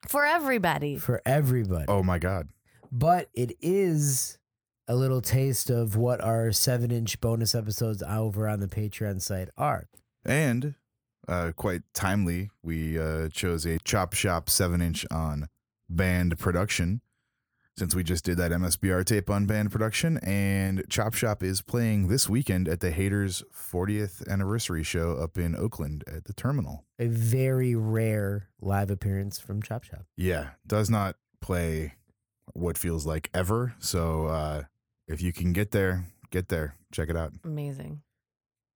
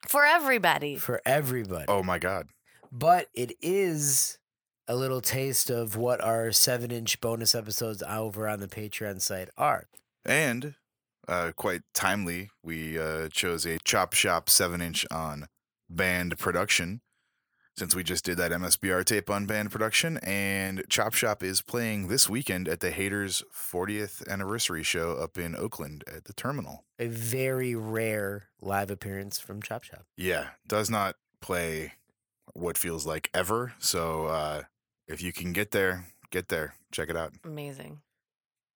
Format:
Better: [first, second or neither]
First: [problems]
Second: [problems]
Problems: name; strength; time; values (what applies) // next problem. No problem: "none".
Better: first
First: none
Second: thin; somewhat; fading below 550 Hz